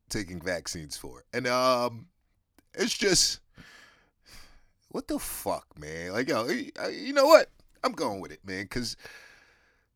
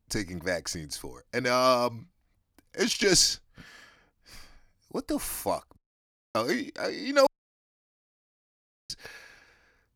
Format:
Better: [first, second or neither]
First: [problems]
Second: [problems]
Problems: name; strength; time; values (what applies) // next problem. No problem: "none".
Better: first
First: none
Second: audio cutting out; at 6 s for 0.5 s and at 7.5 s for 1.5 s